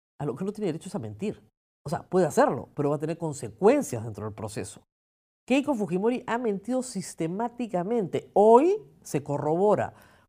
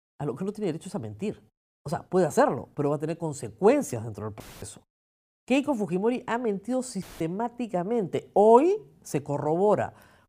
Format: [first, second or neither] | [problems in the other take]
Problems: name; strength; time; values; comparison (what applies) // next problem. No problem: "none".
first | audio cutting out; filled with static; at 4.5 s and at 7 s